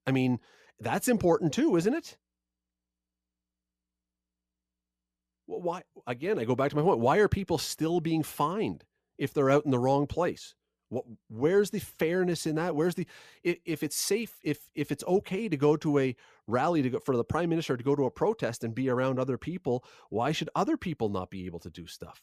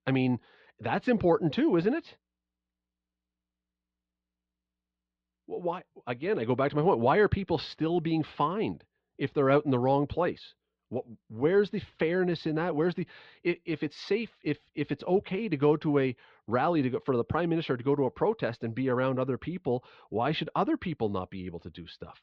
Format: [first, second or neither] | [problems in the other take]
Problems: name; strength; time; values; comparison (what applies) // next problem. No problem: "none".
first | muffled; slightly; fading above 4 kHz